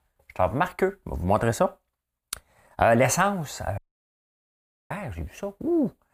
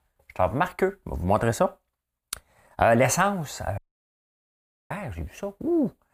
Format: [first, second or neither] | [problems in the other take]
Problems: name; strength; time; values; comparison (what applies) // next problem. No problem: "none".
neither | audio cutting out; at 4 s for 1 s; the same in both